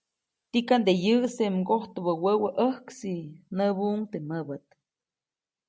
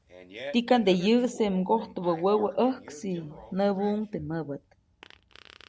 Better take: first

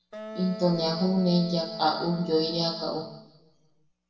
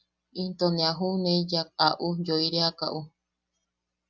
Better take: second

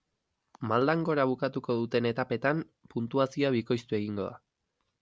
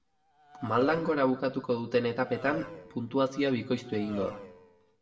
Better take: first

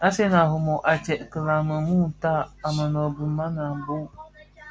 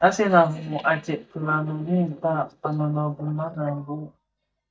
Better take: first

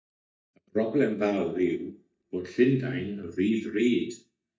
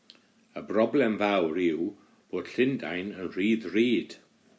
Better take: second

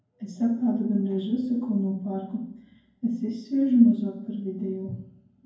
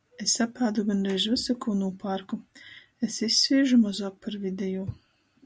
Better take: second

